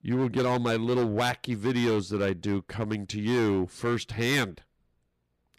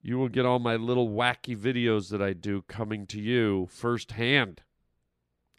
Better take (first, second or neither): second